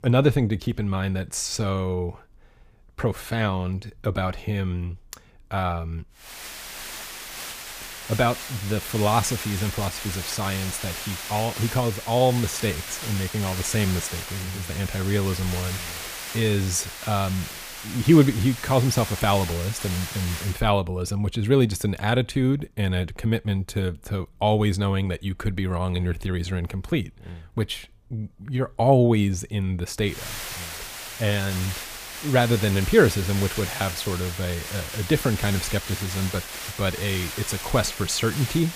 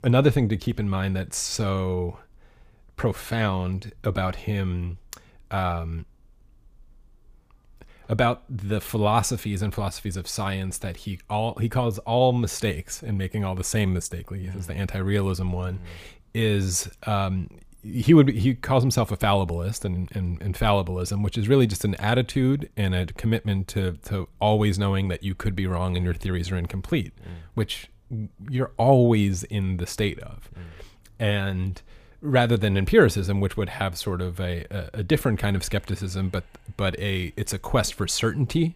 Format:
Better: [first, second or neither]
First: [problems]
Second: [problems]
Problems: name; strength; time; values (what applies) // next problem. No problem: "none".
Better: second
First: hiss; loud; from 6.5 to 21 s and from 30 s on; 8 dB below the speech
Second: none